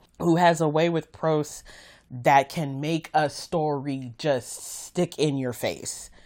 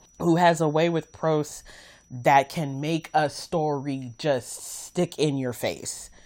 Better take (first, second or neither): first